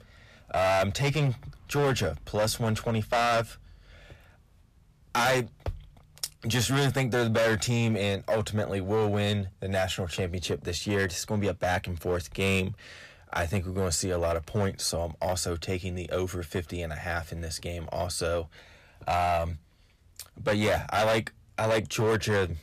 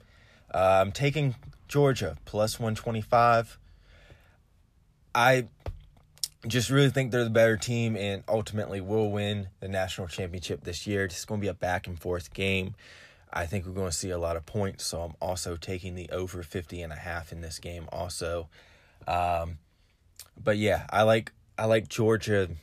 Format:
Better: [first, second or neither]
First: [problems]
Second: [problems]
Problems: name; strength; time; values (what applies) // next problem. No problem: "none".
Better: second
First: distortion; heavy; 10% of the sound clipped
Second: none